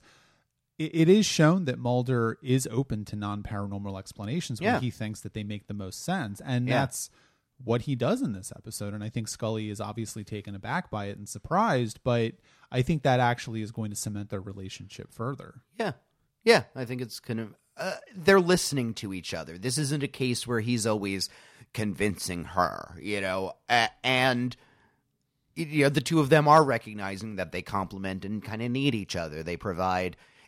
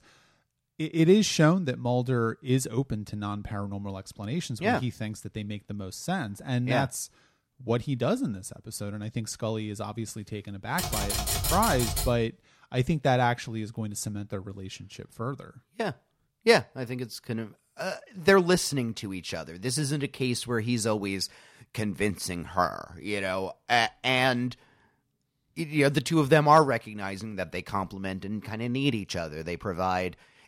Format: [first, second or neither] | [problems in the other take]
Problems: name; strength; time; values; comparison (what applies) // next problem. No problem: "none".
first | keyboard typing; loud; from 11 to 12 s; peak 1 dB above the speech